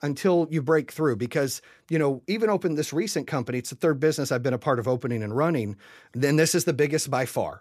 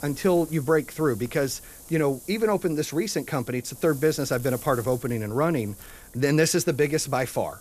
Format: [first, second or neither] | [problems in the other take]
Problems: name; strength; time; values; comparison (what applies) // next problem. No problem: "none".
first | wind noise on the microphone; occasional gusts; 20 dB below the speech